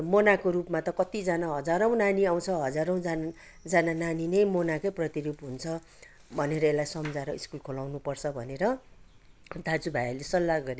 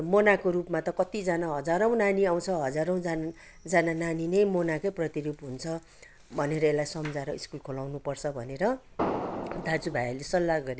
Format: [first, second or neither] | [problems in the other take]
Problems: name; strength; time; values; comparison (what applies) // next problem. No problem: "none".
first | background sound (Fireworks); 5 dB below the speech